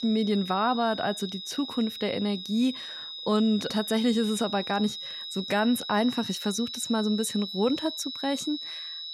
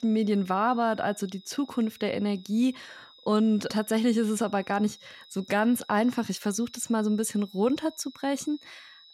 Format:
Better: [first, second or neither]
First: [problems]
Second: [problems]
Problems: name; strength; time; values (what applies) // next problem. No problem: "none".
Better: second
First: high-pitched whine; loud; throughout; 4 kHz, 7 dB below the speech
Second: high-pitched whine; faint; throughout; 4 kHz, 25 dB below the speech